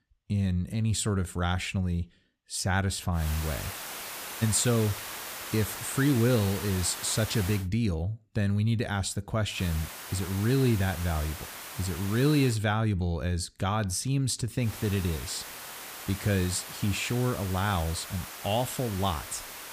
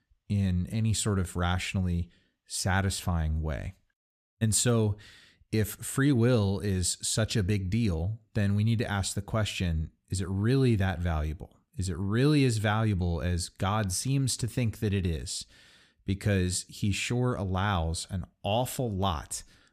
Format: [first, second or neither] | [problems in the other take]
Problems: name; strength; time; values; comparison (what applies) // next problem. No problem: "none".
second | hiss; loud; from 3 to 7.5 s, from 9.5 to 13 s and from 15 s on; 9 dB below the speech